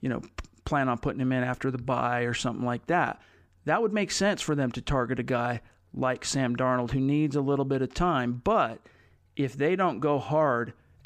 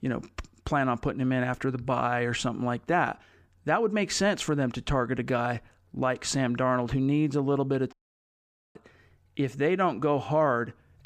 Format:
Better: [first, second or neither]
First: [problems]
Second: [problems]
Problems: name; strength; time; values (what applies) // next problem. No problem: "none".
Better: first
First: none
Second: audio cutting out; at 8 s for 1 s